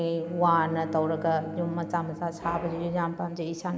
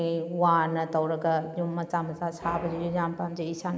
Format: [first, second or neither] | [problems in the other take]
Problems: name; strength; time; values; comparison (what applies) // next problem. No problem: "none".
second | background sound (Bowed string instrument); 13 dB below the speech